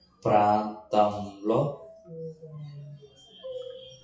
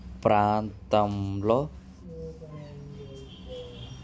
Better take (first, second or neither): second